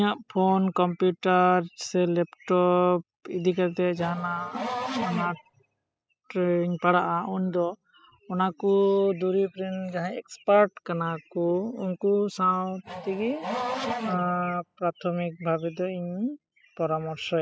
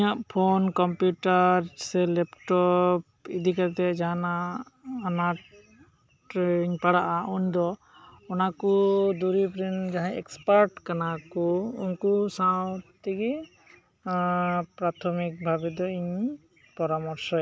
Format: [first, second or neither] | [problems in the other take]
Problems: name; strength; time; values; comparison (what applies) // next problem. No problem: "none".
second | noise reduction (classical method spectral subtraction)